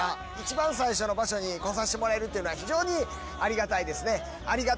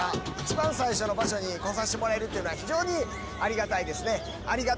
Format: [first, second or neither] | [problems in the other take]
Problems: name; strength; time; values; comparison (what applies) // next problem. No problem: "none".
first | background sound (Squeak); 8 dB below the speech